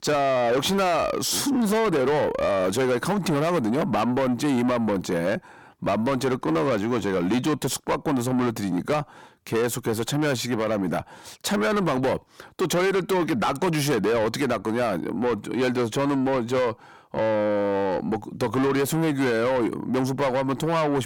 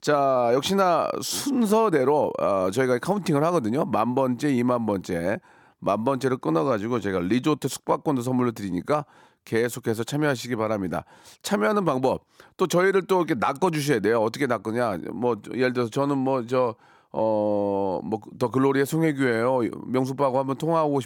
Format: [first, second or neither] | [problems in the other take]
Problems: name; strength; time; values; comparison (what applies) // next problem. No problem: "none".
second | distortion; heavy; 8 dB below the speech